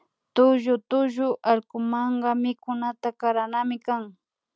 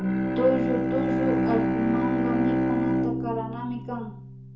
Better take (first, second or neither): first